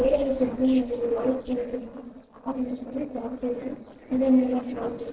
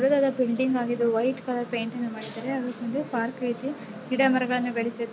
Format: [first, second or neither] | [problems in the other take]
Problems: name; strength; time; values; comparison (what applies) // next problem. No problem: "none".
second | noise reduction (neural separator model SepFormer DNS4)